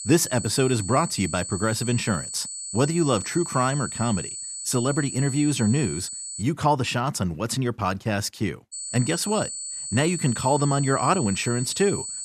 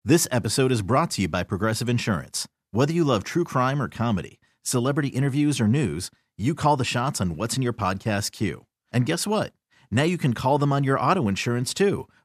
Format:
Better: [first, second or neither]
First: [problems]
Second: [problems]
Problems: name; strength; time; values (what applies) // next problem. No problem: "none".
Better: second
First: high-pitched whine; loud; until 6.5 s and from 8.5 s on; 8 kHz, 7 dB below the speech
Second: none